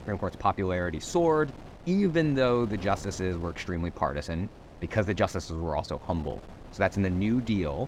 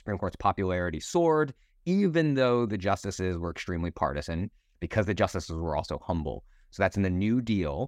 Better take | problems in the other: second | wind noise on the microphone; occasional gusts; 20 dB below the speech

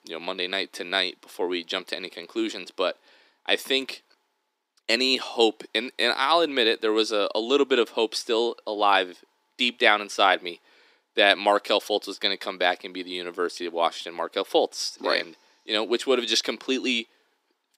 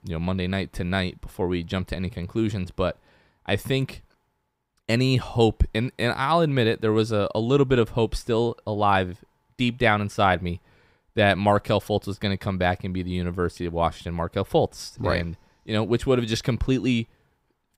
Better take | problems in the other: second | thin; somewhat; fading below 250 Hz

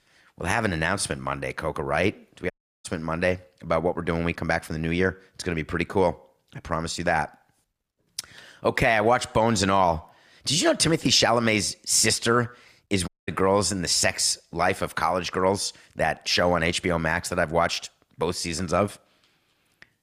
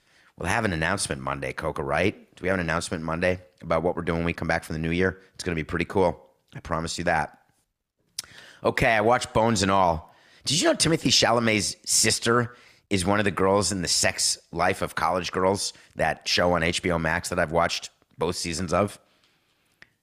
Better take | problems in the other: second | audio cutting out; at 2.5 s and at 13 s

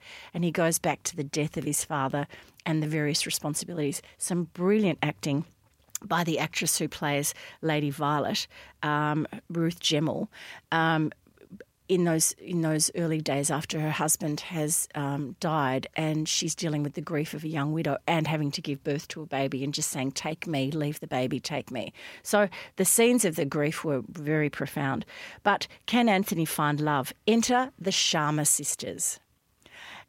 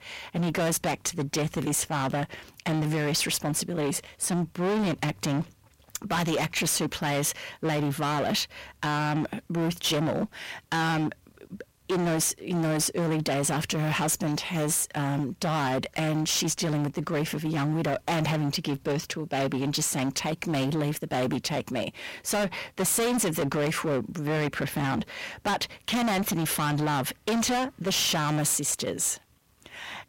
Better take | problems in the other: first | distortion; heavy; 24% of the sound clipped

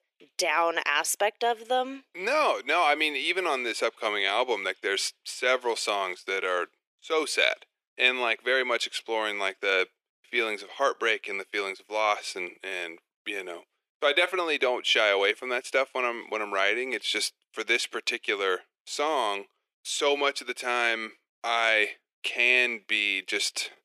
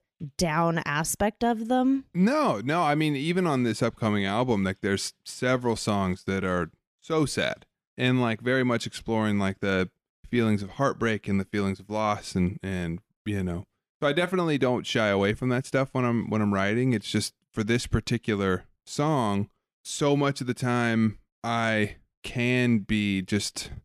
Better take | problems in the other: second | thin; very; fading below 400 Hz

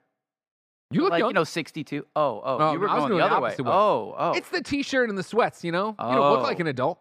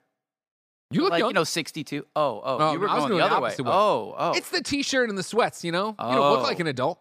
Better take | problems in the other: second | muffled; very slightly; fading above 3.5 kHz

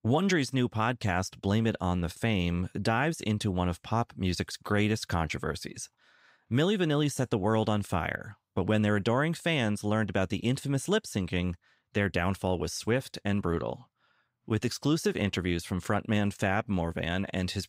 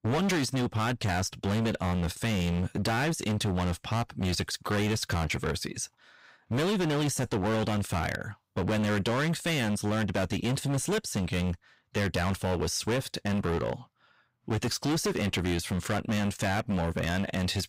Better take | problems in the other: first | distortion; heavy; 23% of the sound clipped

